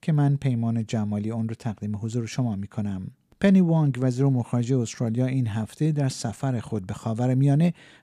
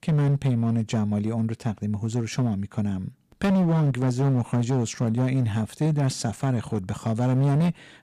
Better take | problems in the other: first | distortion; slight; 14% of the sound clipped

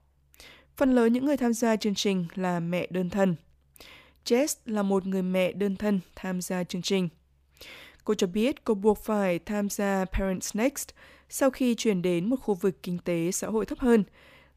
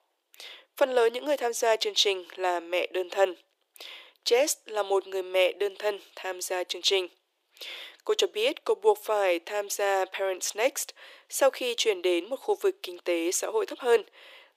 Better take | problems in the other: first | thin; very; fading below 350 Hz

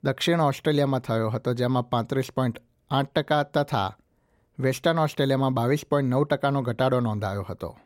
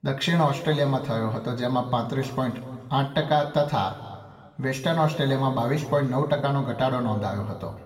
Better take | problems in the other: first | room echo; noticeable; dies away in 1.8 s // off-mic speech; somewhat distant

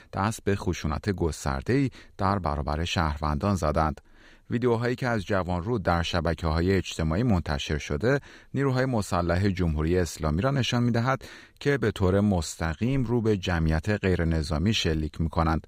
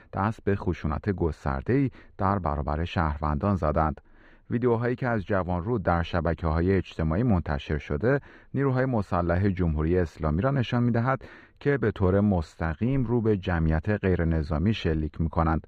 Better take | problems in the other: first | muffled; very; fading above 4 kHz

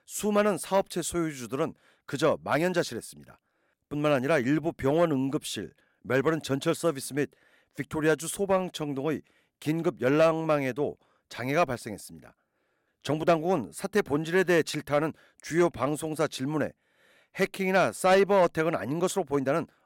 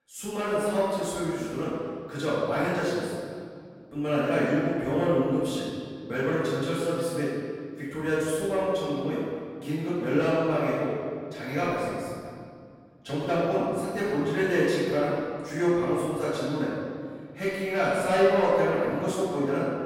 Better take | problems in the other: first | off-mic speech; far // room echo; strong; dies away in 1.9 s

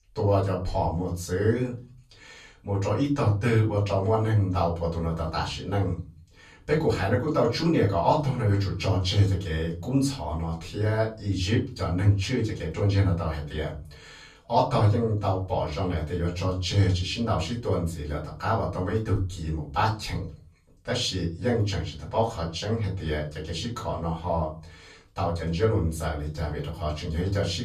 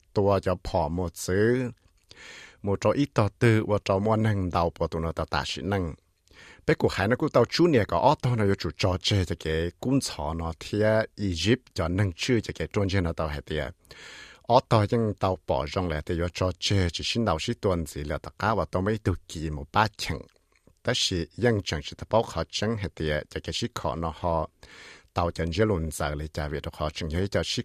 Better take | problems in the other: second | off-mic speech; far // room echo; slight; dies away in 0.4 s

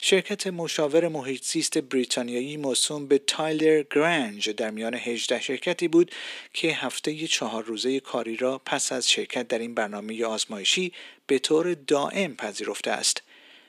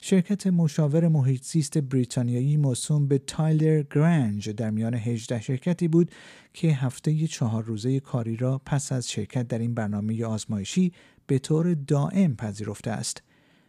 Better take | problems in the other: second | thin; very; fading below 300 Hz

